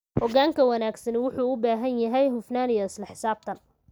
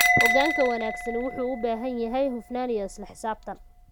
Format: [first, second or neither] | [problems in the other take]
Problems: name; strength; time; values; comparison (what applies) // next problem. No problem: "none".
first | background sound (Bell); as loud as the speech